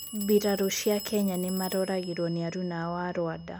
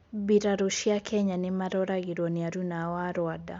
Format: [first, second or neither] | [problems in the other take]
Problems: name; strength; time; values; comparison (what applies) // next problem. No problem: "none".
second | background sound (Telephone); 13 dB below the speech